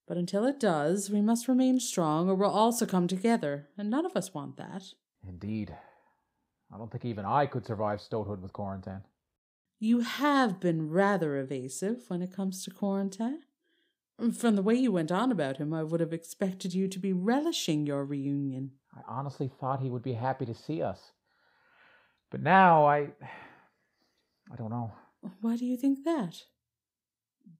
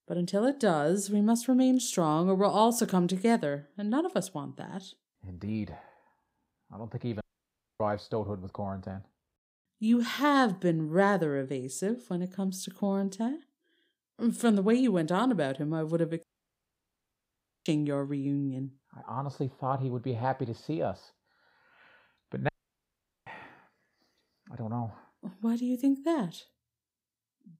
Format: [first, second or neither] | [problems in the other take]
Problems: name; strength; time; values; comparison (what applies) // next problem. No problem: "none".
first | audio cutting out; at 7 s for 0.5 s, at 16 s for 1.5 s and at 22 s for 1 s